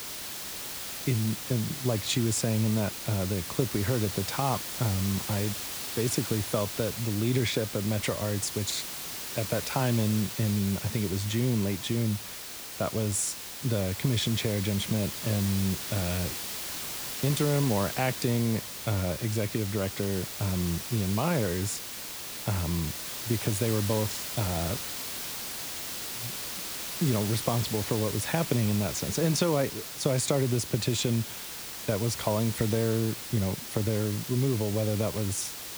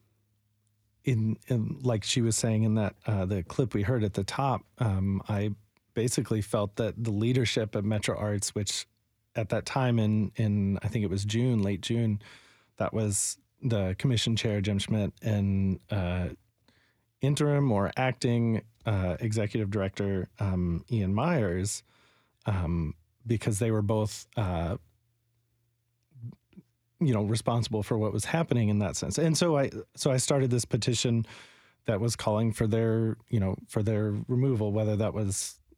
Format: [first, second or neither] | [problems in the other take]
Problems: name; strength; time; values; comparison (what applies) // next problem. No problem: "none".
second | hiss; loud; throughout; 5 dB below the speech